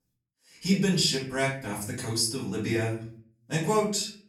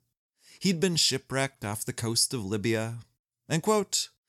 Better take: second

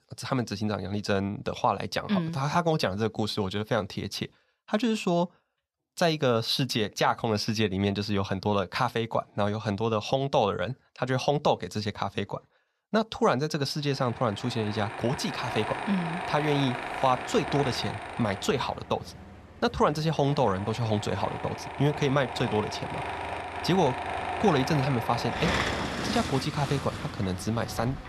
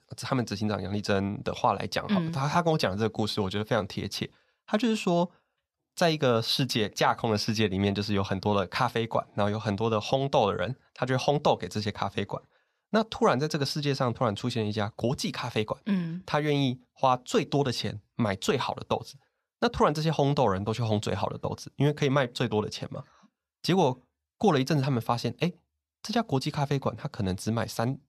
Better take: second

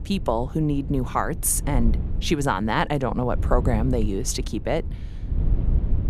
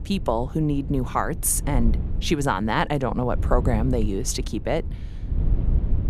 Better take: neither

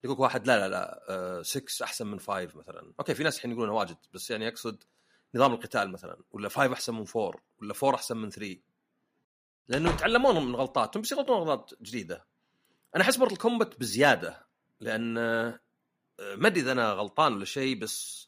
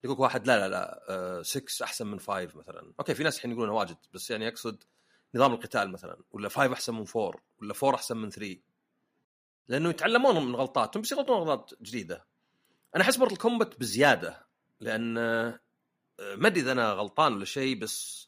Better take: second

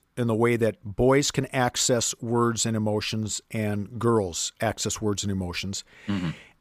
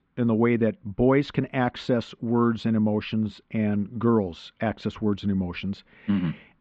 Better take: first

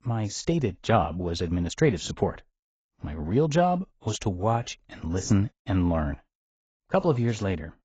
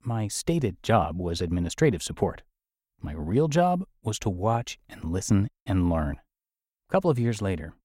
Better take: second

